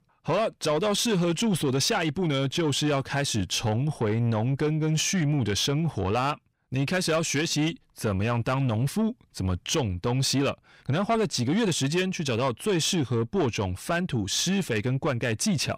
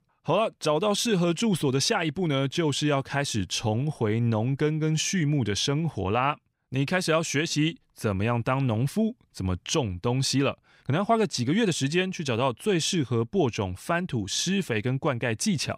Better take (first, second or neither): second